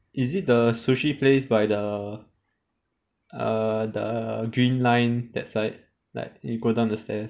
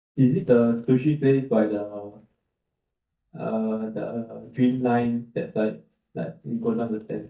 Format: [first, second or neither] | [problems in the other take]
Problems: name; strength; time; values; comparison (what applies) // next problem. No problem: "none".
first | noise reduction (neural mask model DeepFilterNet 3)